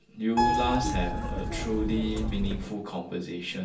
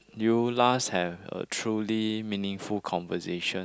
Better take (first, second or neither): second